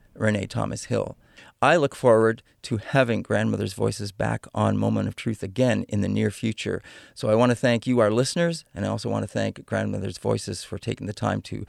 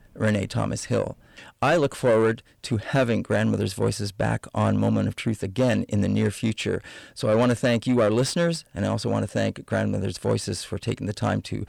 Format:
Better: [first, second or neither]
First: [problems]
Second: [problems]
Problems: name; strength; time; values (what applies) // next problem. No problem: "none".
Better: first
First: none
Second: distortion; slight; 10 dB below the speech